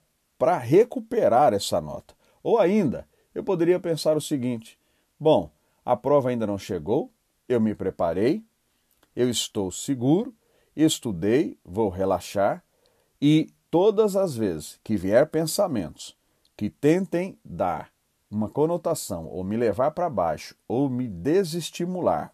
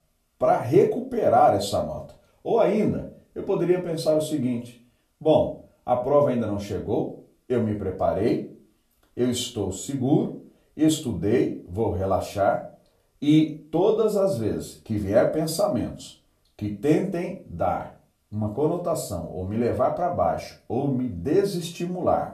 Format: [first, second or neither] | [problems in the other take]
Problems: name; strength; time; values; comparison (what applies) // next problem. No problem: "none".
first | off-mic speech; far // room echo; very slight; dies away in 0.3 s